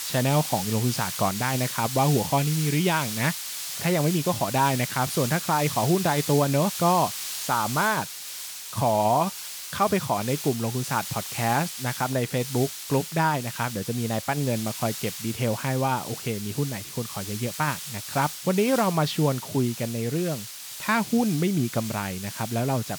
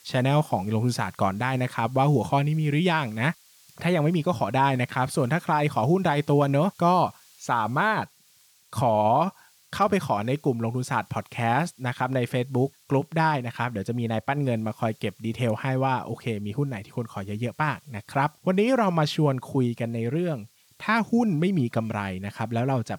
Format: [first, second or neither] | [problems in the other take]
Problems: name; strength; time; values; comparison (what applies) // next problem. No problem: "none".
second | hiss; loud; throughout; 7 dB below the speech; faint in the second